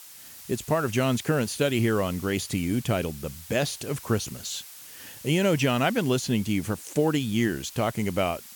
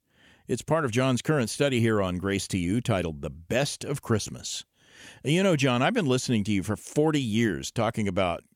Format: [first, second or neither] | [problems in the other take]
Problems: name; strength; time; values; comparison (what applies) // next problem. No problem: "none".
second | hiss; noticeable; throughout; 15 dB below the speech